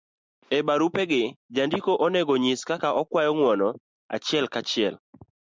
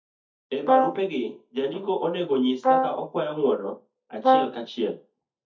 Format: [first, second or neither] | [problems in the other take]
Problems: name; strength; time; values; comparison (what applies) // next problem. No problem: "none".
first | noise reduction (neural mask model DeepFilterNet 3)